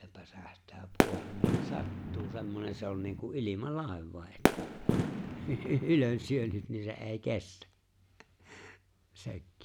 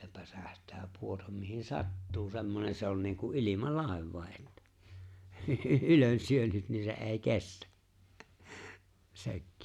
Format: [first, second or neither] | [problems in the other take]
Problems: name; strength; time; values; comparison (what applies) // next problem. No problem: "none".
second | background sound (Fireworks); 3 dB above the speech